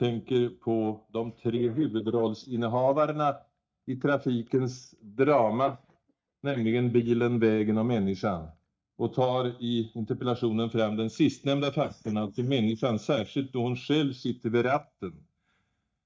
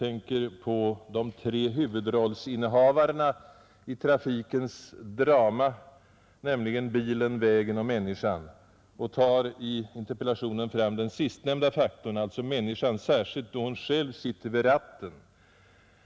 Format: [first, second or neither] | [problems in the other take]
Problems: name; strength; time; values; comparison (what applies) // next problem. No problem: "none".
second | noise reduction (neural mask model DeepFilterNet 3)